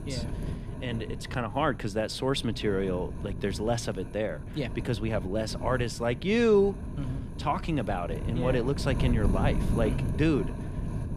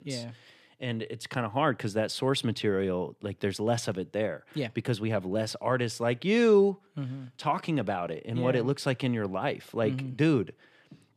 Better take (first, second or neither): second